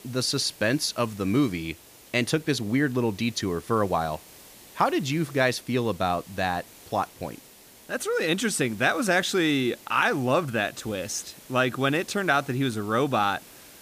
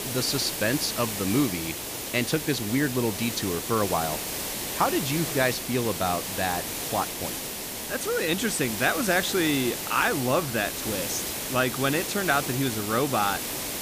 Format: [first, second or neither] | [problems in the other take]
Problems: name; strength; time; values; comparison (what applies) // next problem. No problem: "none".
first | hiss; loud; throughout; 3 dB below the speech; faint in the first